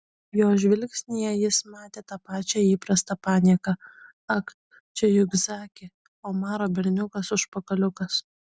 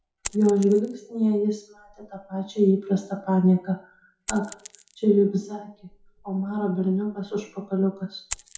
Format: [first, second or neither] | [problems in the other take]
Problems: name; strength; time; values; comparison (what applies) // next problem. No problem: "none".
first | noise reduction (classical method WPE with log-MMSE)